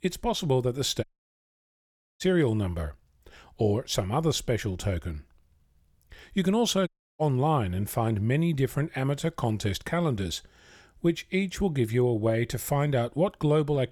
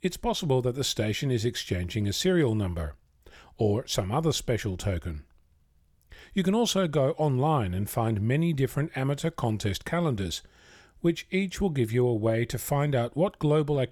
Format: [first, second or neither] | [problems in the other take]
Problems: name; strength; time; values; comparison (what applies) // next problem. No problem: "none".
second | audio cutting out; at 1 s for 1 s and at 7 s